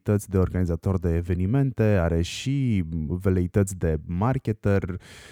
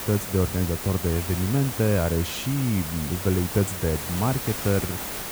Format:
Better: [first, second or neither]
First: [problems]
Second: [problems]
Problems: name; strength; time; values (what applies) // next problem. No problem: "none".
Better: first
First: none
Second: hiss; loud; throughout; 6 dB below the speech